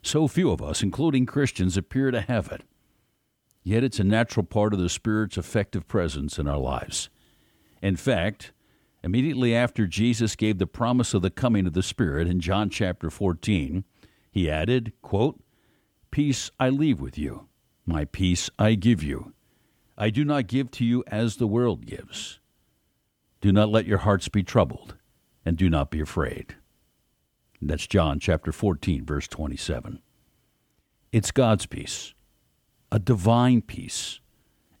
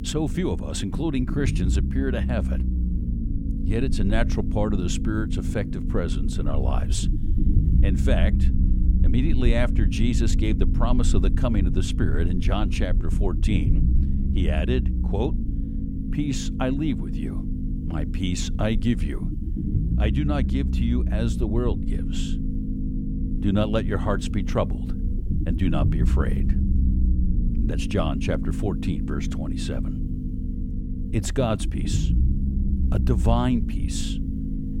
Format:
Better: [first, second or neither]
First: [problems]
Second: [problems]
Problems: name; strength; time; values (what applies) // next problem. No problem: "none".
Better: first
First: none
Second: low rumble; loud; throughout; 7 dB below the speech